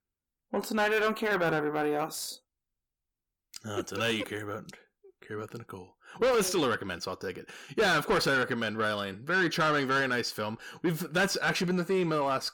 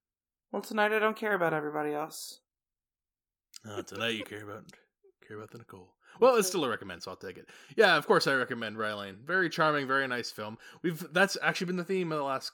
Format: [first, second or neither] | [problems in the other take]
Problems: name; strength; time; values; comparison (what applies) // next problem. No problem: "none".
second | distortion; heavy; 6 dB below the speech